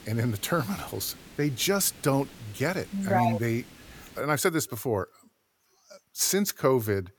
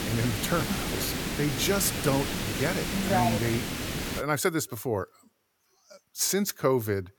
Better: first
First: hiss; faint; until 4 s; 20 dB below the speech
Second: hiss; loud; until 4 s; 3 dB below the speech

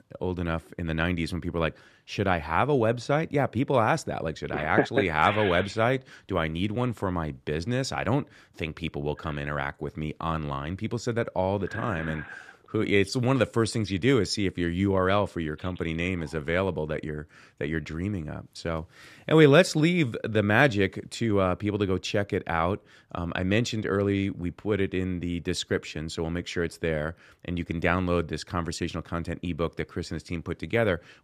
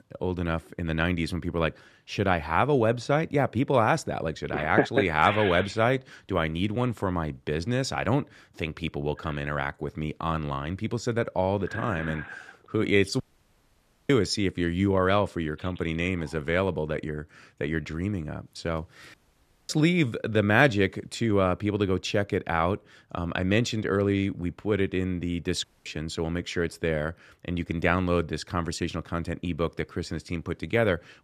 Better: first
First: none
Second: audio cutting out; at 13 s for 1 s, at 19 s for 0.5 s and at 26 s

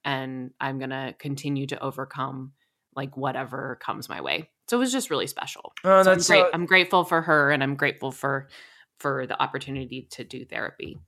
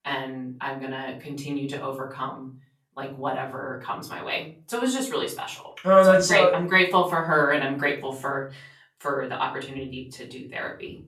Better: first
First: none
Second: room echo; slight; dies away in 0.3 s // off-mic speech; far

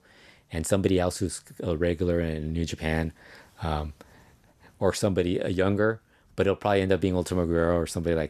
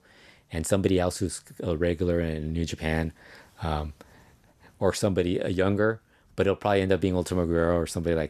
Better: neither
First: none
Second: none

